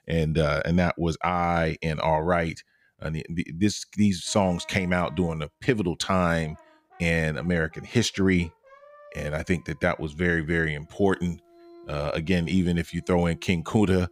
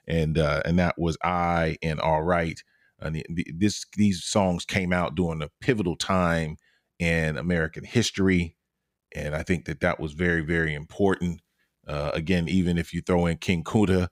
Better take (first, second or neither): second